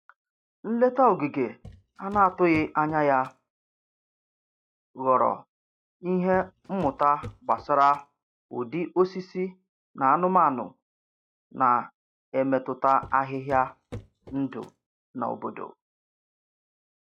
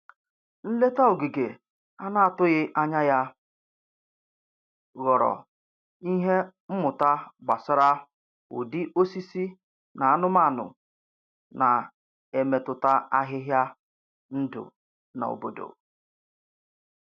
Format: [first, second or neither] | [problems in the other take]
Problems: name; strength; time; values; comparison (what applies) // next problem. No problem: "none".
second | noise reduction (classical method log-MMSE)